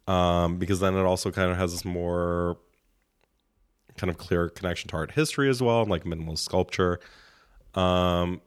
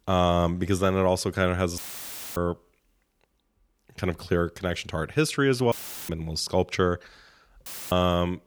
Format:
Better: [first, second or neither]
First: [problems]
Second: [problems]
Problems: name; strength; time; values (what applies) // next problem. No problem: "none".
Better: first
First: none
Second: audio cutting out; filled with static; at 2 s for 0.5 s, at 5.5 s and at 7.5 s